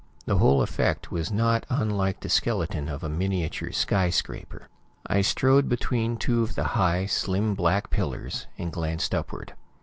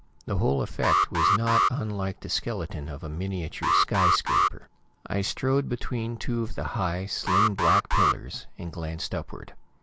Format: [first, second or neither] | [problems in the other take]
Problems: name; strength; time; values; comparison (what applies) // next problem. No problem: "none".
first | background sound (Alarm); 3 dB above the speech